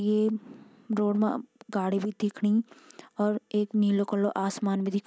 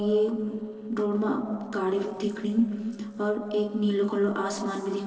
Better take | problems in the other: first | noise reduction (neural separator model SepFormer DNS4)

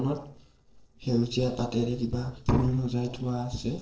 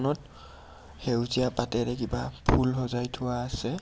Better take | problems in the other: second | noise reduction (neural separator model SepFormer DNS4)

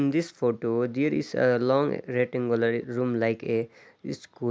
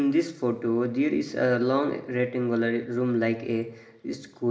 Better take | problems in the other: first | room echo; dies away in 0.9 s

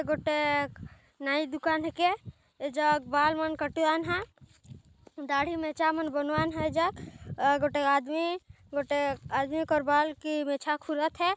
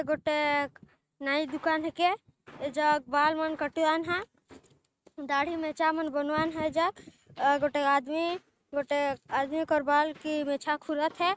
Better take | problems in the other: first | noise reduction (neural mask model RNNoise)

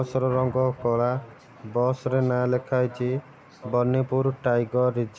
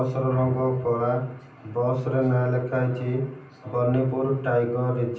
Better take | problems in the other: first | room echo; dies away in 0.6 s

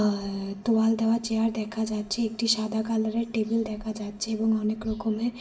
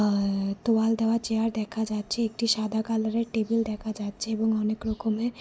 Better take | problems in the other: second | room echo; dies away in 0.5 s

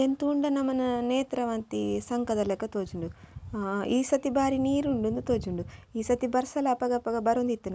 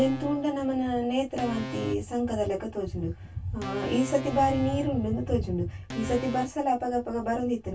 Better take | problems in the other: first | background sound (Organ); 11 dB below the speech // room echo; dies away in 0.1 s

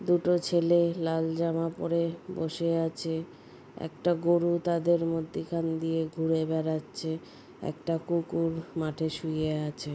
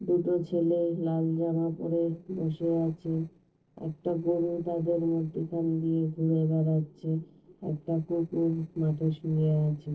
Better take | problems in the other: first | noise reduction (neural separator model SepFormer DNS4)

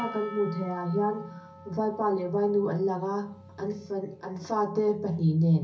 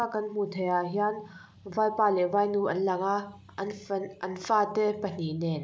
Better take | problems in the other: second | background sound (Percussion); 19 dB below the speech // room echo; dies away in 0.3 s

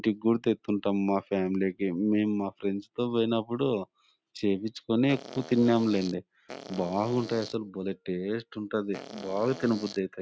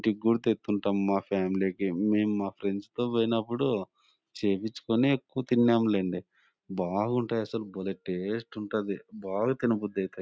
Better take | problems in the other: second | background sound (Fart); 14 dB below the speech

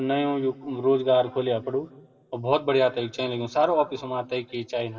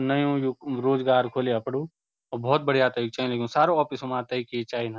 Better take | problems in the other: second | room echo; dies away in 1.8 s

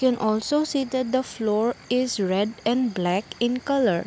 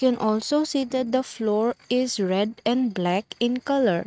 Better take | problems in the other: first | noise reduction (neural mask model RNNoise)

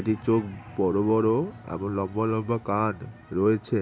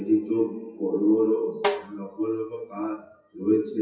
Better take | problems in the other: first | noise reduction (classical method WPE with log-MMSE)

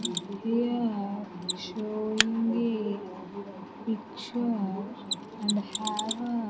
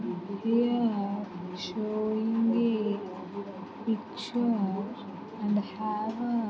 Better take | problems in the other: second | background sound (Mechanisms); 7 dB below the speech

